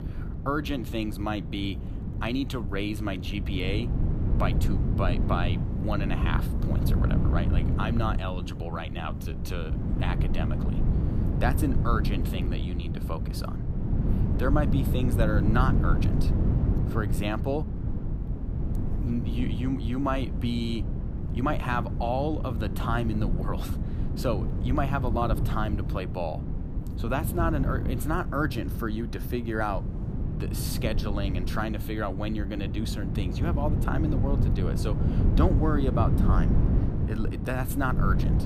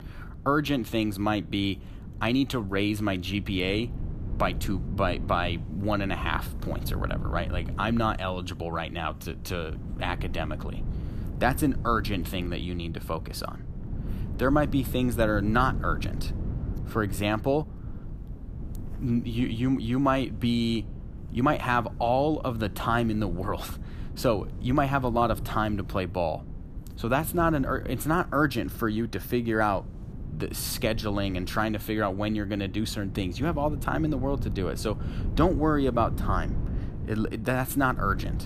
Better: second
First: wind noise on the microphone; heavy; 7 dB below the speech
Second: wind noise on the microphone; occasional gusts; 20 dB below the speech

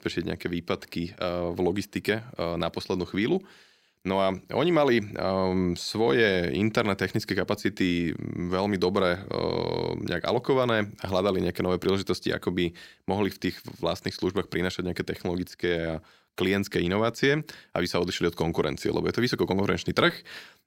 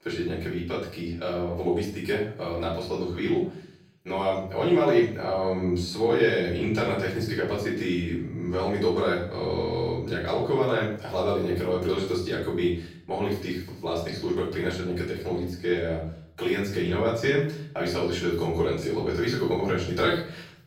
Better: first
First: none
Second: off-mic speech; far // room echo; noticeable; dies away in 0.6 s

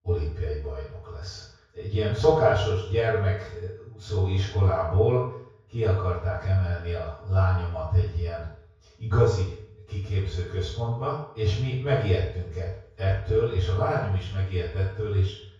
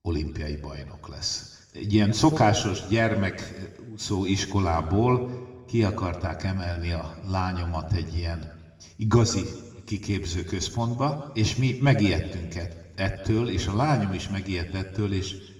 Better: second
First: room echo; strong; dies away in 0.7 s // off-mic speech; far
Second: room echo; slight; dies away in 1.2 s // off-mic speech; somewhat distant

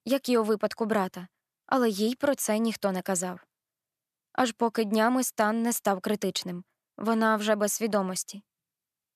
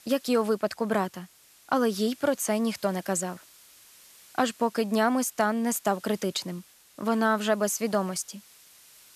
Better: first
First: none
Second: hiss; faint; throughout; 25 dB below the speech

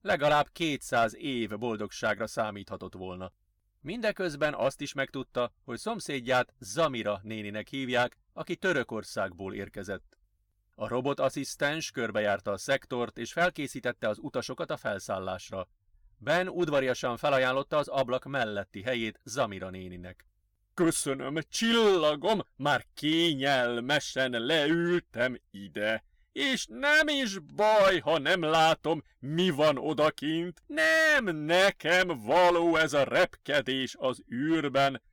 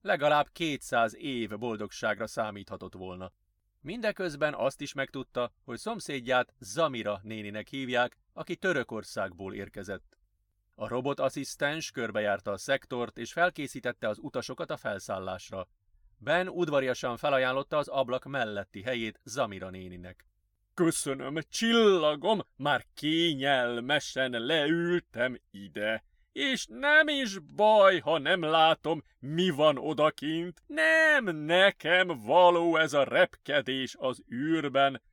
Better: second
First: distortion; slight; 4% of the sound clipped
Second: none

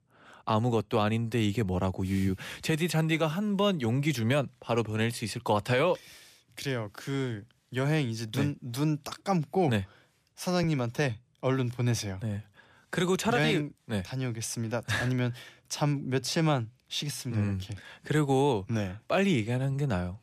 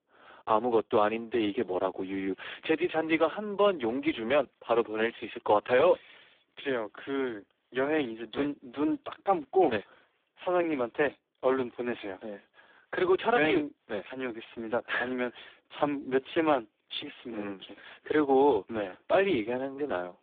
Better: first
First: none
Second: phone-call audio; poor line

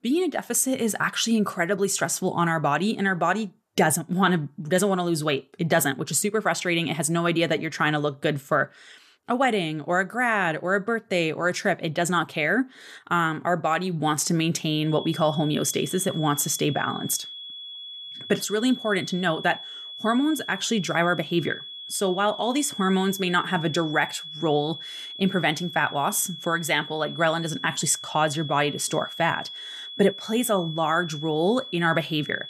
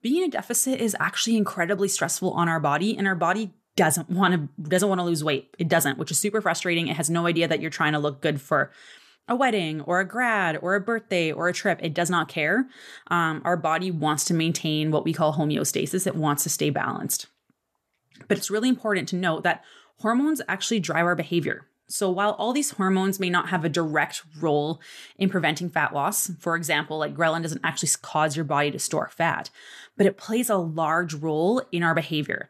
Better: second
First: high-pitched whine; noticeable; from 15 s on; 3.5 kHz, 10 dB below the speech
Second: none

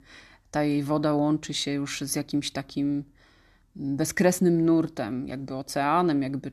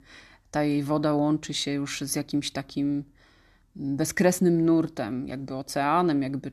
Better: neither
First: none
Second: none

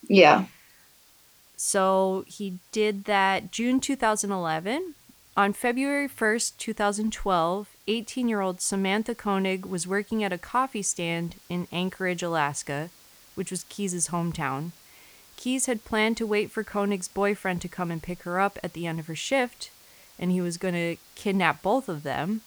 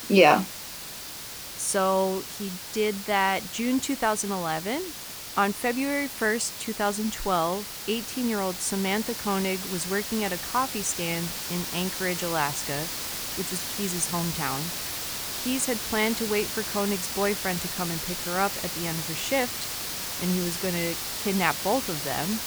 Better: first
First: hiss; faint; throughout; 25 dB below the speech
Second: hiss; loud; throughout; 3 dB below the speech

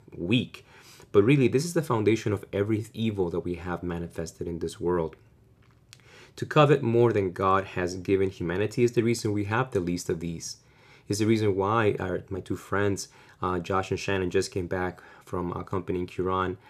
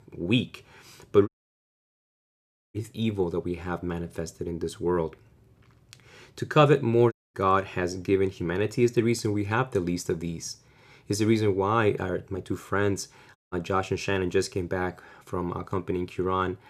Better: first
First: none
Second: audio cutting out; at 1.5 s for 1.5 s, at 7 s and at 13 s

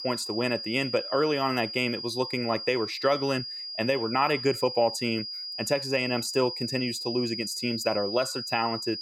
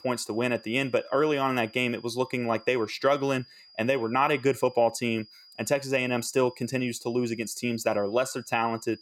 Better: second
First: high-pitched whine; loud; throughout; 5 kHz, 6 dB below the speech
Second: high-pitched whine; faint; throughout; 5 kHz, 25 dB below the speech

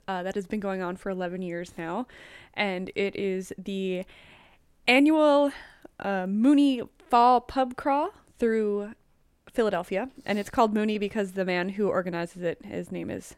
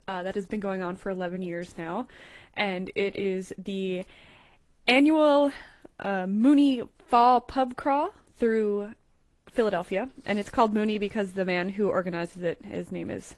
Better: first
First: none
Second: garbled, watery; slightly; nothing above 11.5 kHz

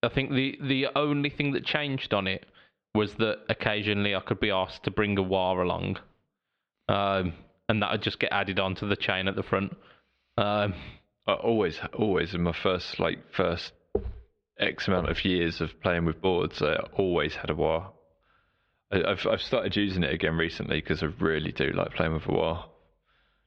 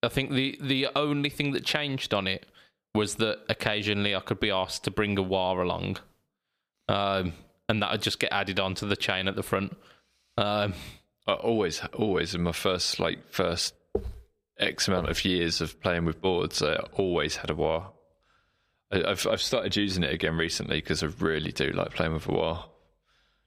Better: second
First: muffled; slightly; fading above 3.5 kHz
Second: none

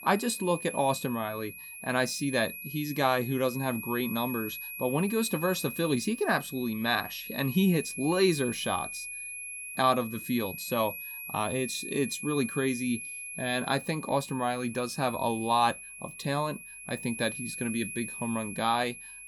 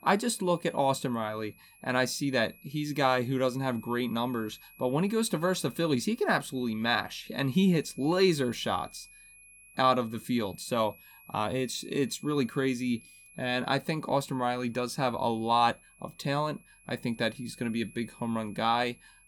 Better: second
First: high-pitched whine; loud; throughout; 2.5 kHz, 9 dB below the speech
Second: high-pitched whine; faint; throughout; 2.5 kHz, 25 dB below the speech

